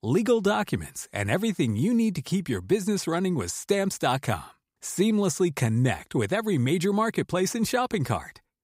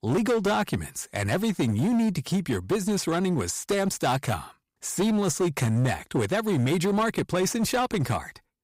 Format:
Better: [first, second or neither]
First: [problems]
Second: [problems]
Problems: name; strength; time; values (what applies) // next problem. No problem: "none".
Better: first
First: none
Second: distortion; slight; 15% of the sound clipped